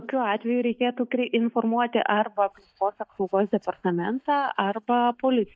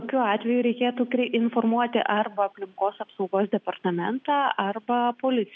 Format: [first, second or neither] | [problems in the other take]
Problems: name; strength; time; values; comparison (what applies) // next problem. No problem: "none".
second | noise reduction (neural mask model DeepFilterNet 3)